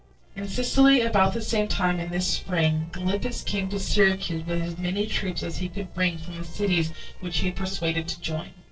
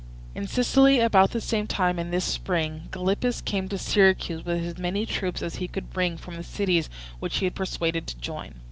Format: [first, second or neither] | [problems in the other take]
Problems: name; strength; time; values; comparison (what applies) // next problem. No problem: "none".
second | noise reduction (neural separator model SepFormer DNS4)